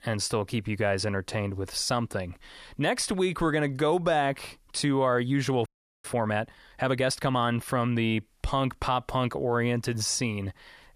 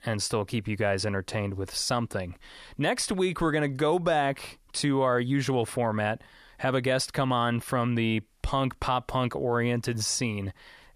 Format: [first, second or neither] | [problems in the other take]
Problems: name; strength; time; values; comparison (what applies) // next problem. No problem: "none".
second | audio freezing; at 5.5 s